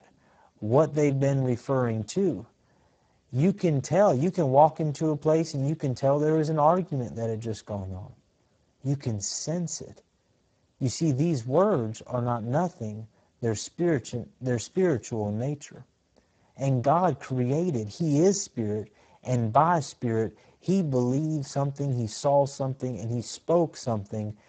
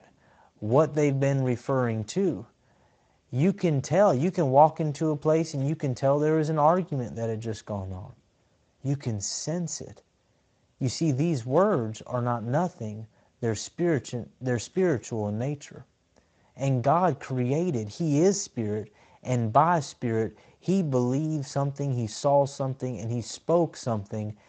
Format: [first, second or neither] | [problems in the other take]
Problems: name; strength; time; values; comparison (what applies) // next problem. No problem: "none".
second | garbled, watery; badly; nothing above 7.5 kHz; slightly in the second